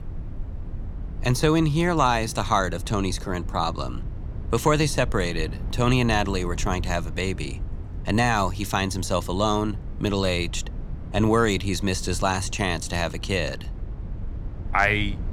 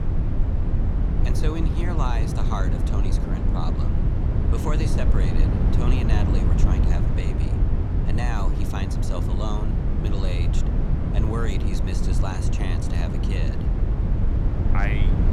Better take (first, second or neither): first